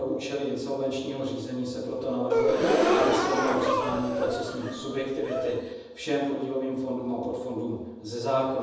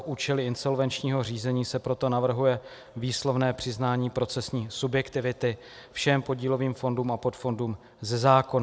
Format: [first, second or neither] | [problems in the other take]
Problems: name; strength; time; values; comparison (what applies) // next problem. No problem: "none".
second | background sound (Gasp); 3 dB above the speech // room echo; dies away in 1.1 s